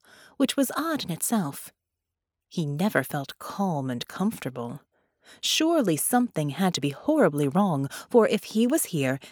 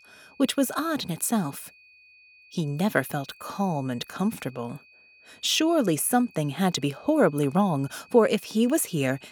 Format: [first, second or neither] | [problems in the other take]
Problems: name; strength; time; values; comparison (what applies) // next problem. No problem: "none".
first | high-pitched whine; faint; throughout; 2.5 kHz, 25 dB below the speech